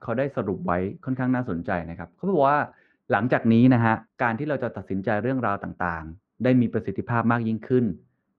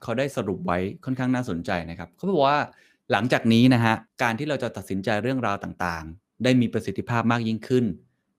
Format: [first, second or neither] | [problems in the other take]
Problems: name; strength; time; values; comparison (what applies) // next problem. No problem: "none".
second | muffled; very; fading above 1.5 kHz